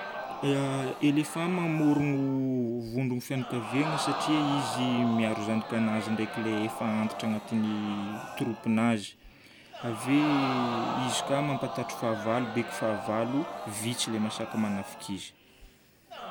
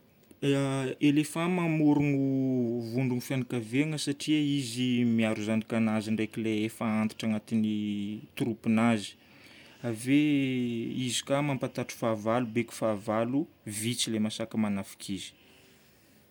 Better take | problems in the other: second | background sound (Crowd); 7 dB below the speech

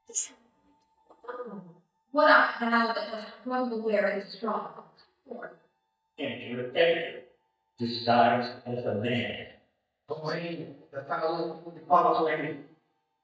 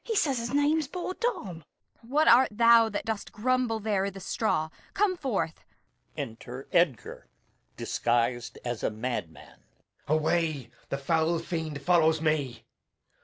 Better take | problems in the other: second | noise reduction (neural mask model DeepFilterNet 3)

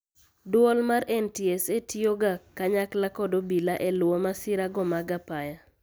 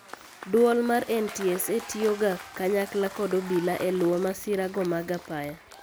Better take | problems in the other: first | background sound (Applause / Crowd / Cheering); 16 dB below the speech

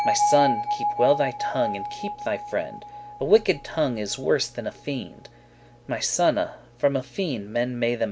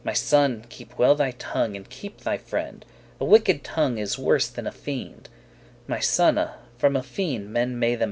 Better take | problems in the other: second | background sound (Bell); 5 dB below the speech

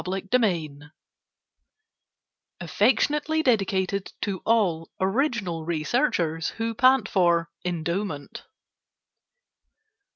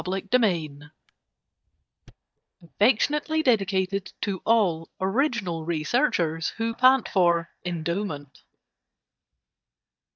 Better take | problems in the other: first | noise reduction (neural mask model DeepFilterNet 3)

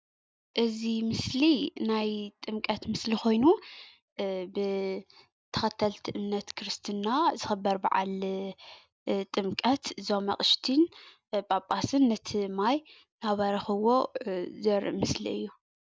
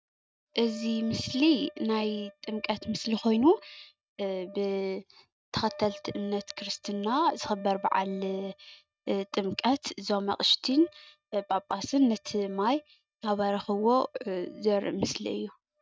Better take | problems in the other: first | noise reduction (neural mask model RNNoise)

